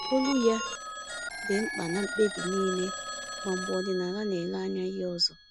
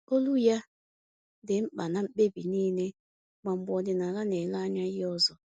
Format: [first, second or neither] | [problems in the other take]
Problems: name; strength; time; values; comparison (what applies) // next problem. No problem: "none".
second | background sound (Telephone); 7 dB below the speech